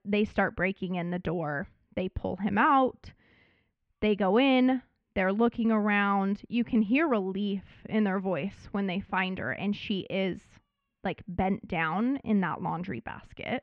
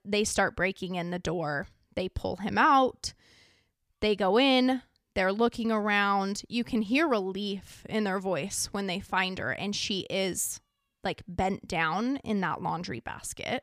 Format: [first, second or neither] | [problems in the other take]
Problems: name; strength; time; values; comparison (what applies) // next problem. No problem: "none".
second | muffled; very; fading above 2.5 kHz